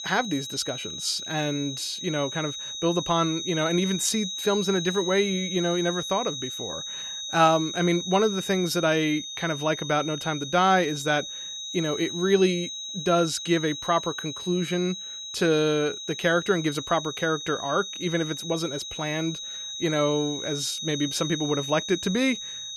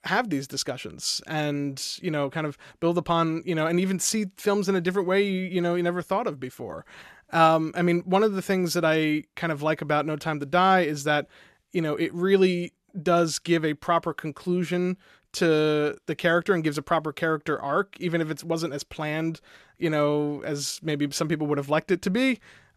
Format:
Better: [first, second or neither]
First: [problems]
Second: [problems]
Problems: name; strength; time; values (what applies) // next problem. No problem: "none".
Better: second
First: high-pitched whine; loud; throughout; 4 kHz, 6 dB below the speech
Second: none